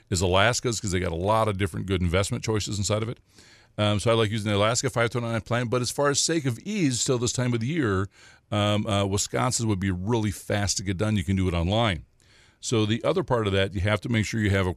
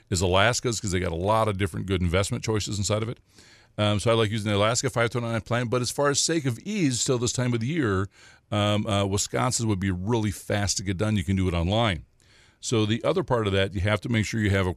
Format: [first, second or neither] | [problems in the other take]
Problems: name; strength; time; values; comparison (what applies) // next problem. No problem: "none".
neither | none